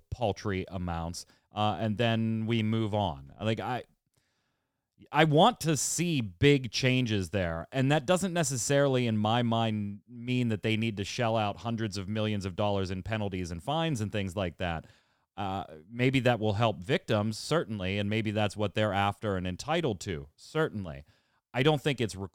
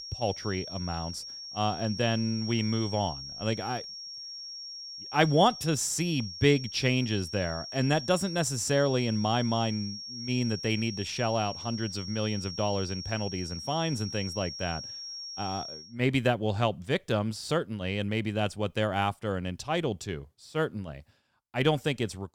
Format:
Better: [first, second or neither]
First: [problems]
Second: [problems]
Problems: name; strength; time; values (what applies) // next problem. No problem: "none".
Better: first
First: none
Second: high-pitched whine; loud; until 16 s; 5.5 kHz, 8 dB below the speech